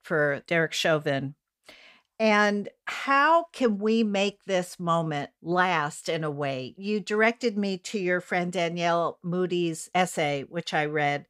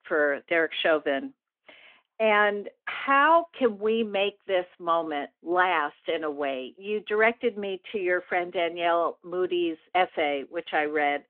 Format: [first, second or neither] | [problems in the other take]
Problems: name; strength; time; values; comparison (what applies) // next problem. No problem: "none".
first | phone-call audio; nothing above 3.5 kHz